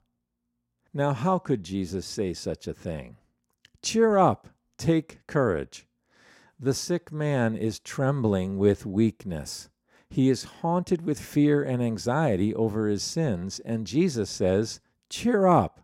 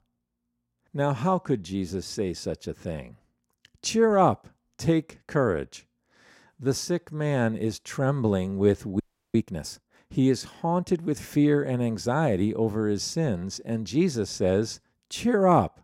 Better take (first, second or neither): first